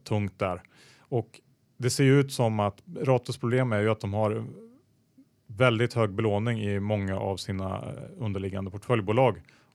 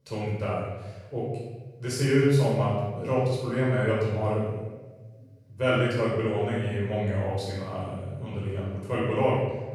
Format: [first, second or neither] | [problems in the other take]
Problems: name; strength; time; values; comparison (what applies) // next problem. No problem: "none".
first | off-mic speech; far // room echo; strong; dies away in 1.1 s